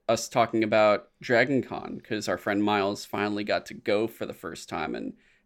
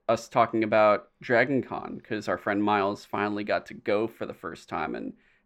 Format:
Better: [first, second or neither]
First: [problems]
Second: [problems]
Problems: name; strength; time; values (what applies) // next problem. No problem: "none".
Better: first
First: none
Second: muffled; slightly; fading above 4 kHz